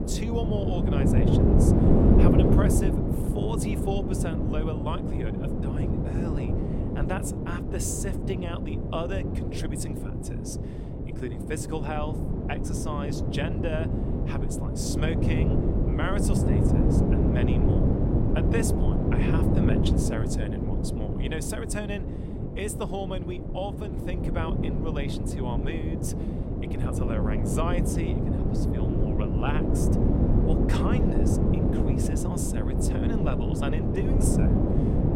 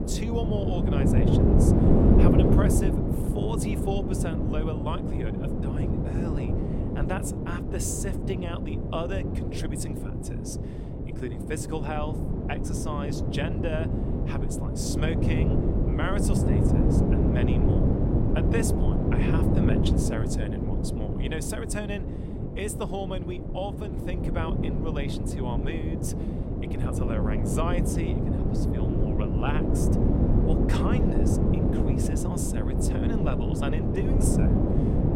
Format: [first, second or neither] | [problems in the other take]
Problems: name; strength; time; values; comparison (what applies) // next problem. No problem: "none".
neither | wind noise on the microphone; heavy; 3 dB above the speech; the same in both